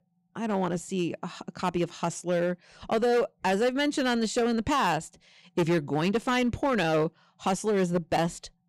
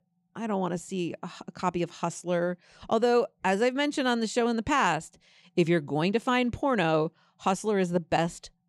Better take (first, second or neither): second